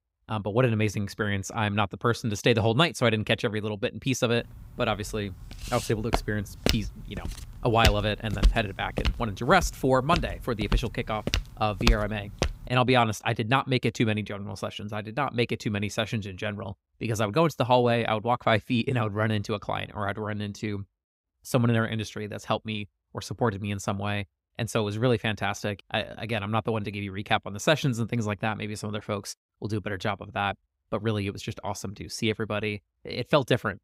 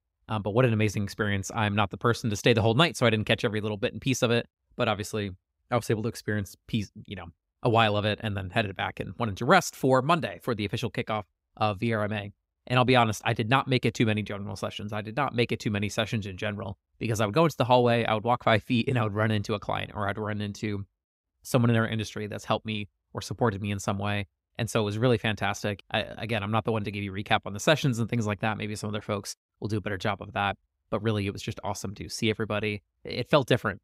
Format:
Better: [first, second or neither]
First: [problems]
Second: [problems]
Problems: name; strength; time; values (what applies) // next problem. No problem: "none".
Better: second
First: footsteps; loud; from 6 to 13 s; peak 1 dB above the speech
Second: none